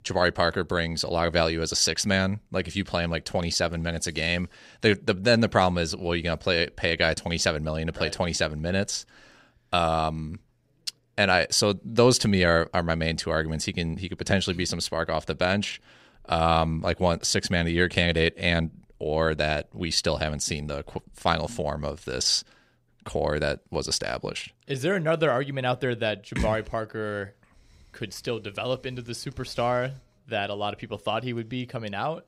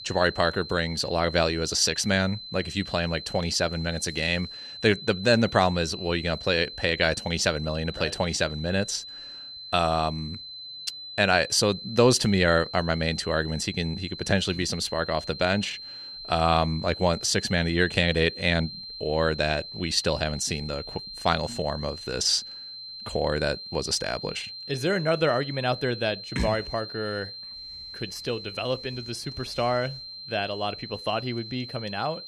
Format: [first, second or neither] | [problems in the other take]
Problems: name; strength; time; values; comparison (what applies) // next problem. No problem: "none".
first | high-pitched whine; noticeable; throughout; 4 kHz, 10 dB below the speech